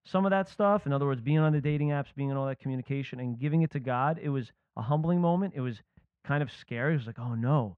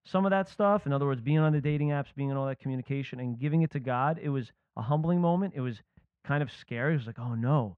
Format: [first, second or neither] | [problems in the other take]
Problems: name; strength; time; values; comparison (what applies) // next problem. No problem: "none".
neither | muffled; very; fading above 2 kHz; the same in both